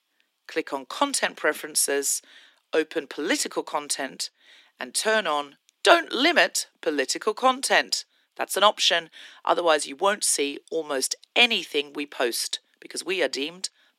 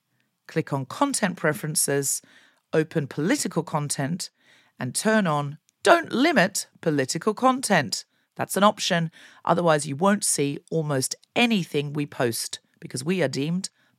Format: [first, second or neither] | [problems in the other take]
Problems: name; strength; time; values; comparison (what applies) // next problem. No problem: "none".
second | thin; somewhat; fading below 300 Hz